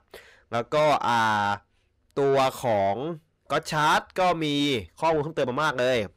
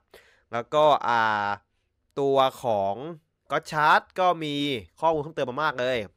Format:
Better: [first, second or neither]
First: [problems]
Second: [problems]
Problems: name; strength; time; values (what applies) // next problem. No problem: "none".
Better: second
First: distortion; heavy; 8 dB below the speech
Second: none